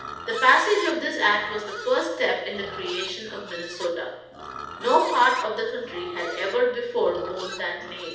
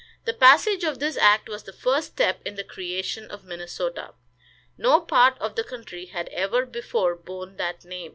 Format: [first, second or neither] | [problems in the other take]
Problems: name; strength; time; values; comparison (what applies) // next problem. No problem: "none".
second | background sound (Livestock, farm animals, working animals); 13 dB below the speech // room echo; dies away in 0.8 s